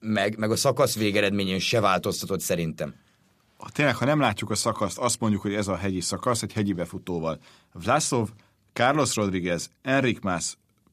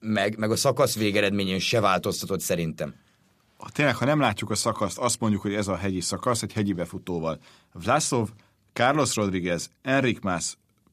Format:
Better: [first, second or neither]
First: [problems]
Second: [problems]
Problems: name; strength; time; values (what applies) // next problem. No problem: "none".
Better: neither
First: none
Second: none